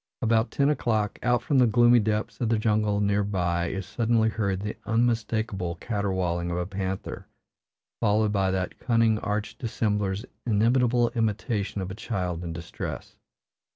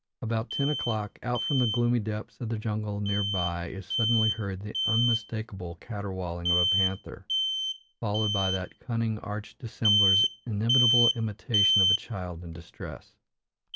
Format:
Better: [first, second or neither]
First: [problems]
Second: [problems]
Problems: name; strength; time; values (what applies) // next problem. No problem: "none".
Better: first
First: none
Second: background sound (Alarm); as loud as the speech